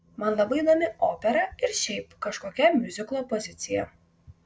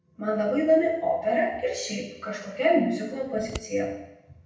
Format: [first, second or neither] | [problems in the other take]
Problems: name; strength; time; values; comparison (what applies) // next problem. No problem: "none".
first | background sound (Scissors); 16 dB below the speech // room echo; dies away in 0.8 s